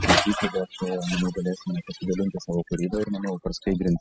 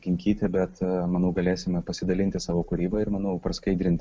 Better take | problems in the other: second | noise reduction (classical method spectral subtraction)

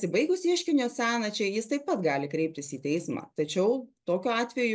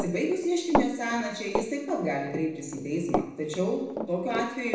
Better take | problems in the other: first | background sound (Run); 4 dB below the speech // room echo; dies away in 0.9 s

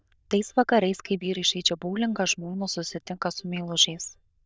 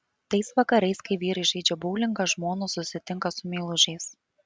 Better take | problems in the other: second | noise reduction (neural diffusion model UNIVERSE++)

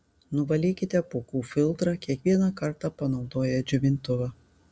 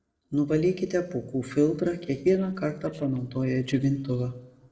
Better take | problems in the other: first | noise reduction (neural separator model SepFormer DNS4)

